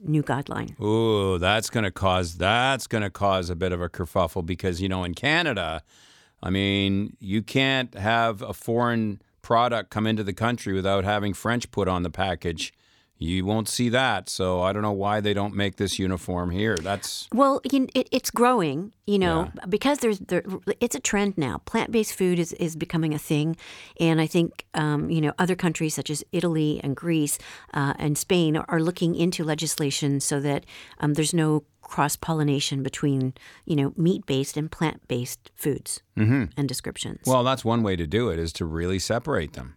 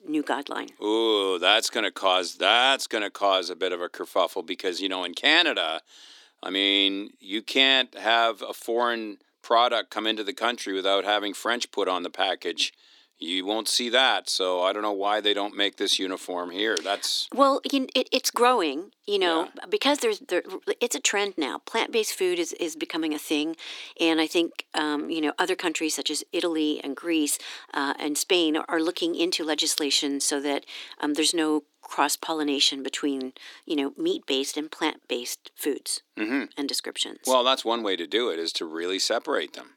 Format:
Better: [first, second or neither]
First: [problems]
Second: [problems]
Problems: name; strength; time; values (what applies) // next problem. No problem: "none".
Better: first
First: none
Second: thin; somewhat; fading below 300 Hz